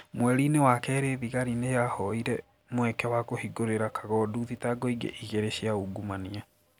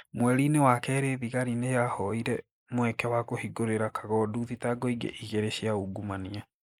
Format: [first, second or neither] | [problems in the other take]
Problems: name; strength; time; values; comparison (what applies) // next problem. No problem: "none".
first | noise reduction (neural mask model Resemble Enhance denoiser)